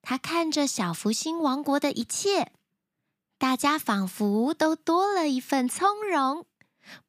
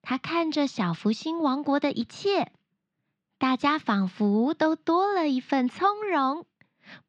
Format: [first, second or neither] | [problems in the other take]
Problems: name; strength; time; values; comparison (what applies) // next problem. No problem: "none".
first | muffled; very slightly; fading above 4 kHz